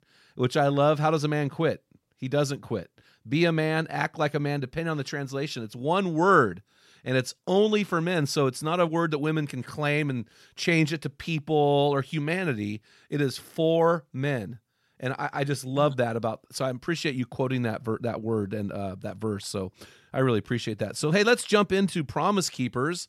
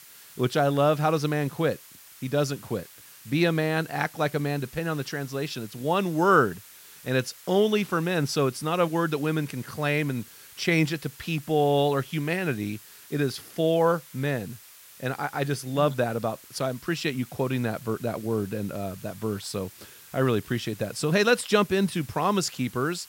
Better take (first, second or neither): first